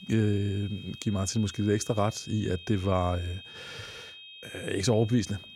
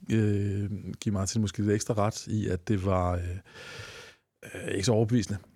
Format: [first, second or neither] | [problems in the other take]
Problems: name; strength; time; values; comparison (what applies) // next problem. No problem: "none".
second | high-pitched whine; noticeable; throughout; 3 kHz, 15 dB below the speech